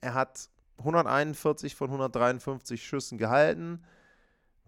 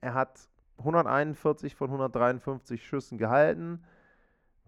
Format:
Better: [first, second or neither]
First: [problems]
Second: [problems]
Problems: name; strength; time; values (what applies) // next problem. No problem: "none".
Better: first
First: none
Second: muffled; slightly; fading above 3 kHz